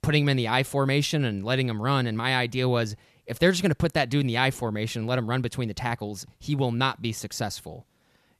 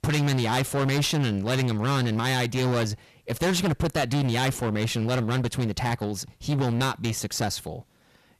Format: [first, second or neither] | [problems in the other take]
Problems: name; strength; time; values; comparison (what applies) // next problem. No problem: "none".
first | distortion; heavy; 24% of the sound clipped